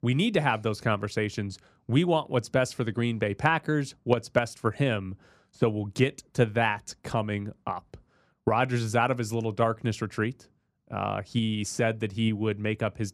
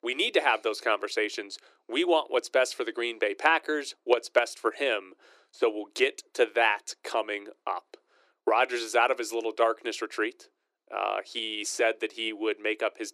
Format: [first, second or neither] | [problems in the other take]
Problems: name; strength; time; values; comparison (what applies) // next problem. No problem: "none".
first | thin; very; fading below 350 Hz